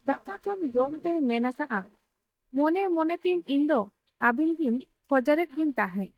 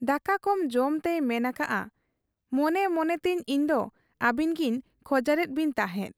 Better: second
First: noise reduction (neural mask model DeepFilterNet 3)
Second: none

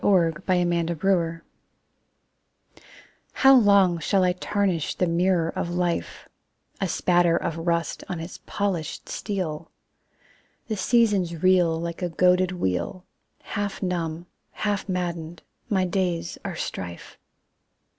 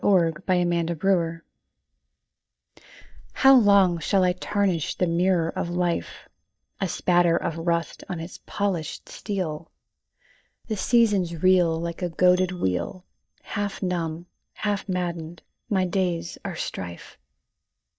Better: first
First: none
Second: noise reduction (neural mask model DeepFilterNet 3)

